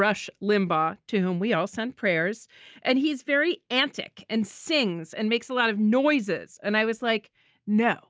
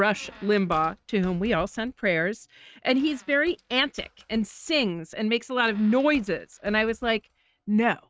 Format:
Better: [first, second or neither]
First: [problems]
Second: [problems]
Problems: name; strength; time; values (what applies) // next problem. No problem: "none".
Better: first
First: none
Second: noise reduction (neural mask model RNNoise)